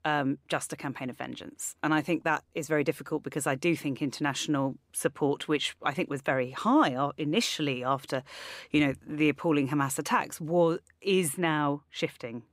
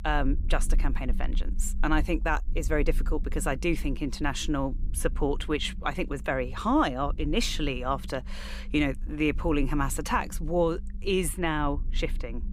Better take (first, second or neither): first